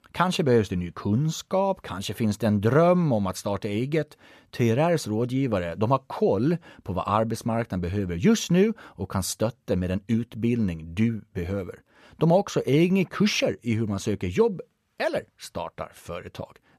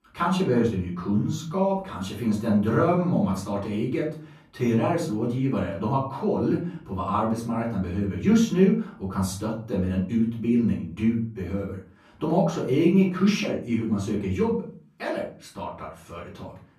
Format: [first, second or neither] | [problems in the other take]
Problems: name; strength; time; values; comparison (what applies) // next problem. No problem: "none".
first | off-mic speech; far // room echo; slight; dies away in 0.4 s